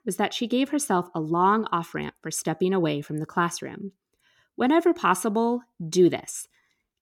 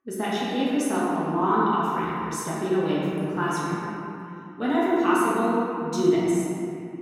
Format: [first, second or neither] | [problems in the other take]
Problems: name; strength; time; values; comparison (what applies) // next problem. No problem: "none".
first | room echo; strong; dies away in 2.6 s // off-mic speech; far